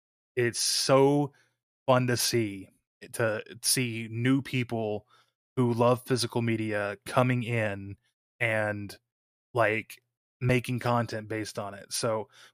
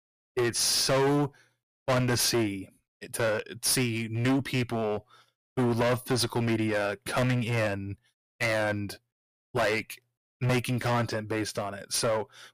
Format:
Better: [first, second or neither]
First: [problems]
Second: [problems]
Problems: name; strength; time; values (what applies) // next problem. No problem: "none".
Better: first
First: none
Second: distortion; heavy; 13% of the sound clipped